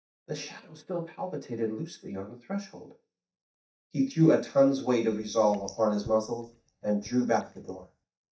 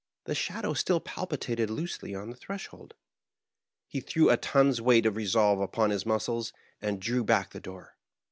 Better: second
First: noise reduction (neural mask model DeepFilterNet 3)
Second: none

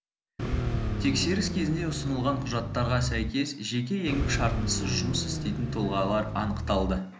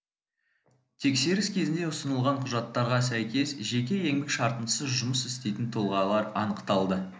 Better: second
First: background sound (Car); 1 dB below the speech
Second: none

